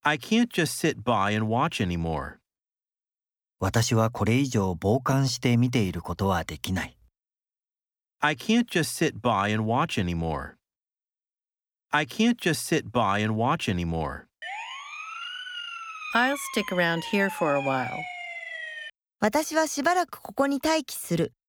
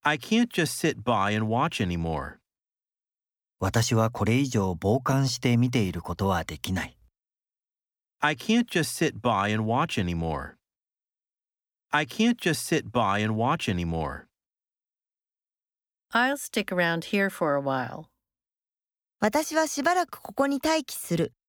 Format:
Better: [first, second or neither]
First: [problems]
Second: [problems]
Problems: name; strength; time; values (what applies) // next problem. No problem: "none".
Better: second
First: siren; noticeable; from 14 to 19 s; peak 7 dB below the speech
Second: none